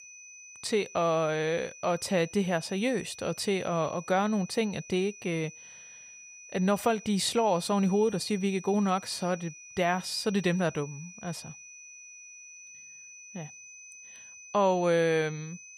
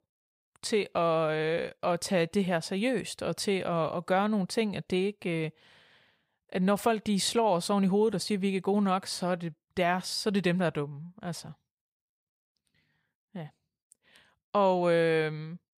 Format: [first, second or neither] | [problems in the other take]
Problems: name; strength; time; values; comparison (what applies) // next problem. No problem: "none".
second | high-pitched whine; noticeable; throughout; 6 kHz, 15 dB below the speech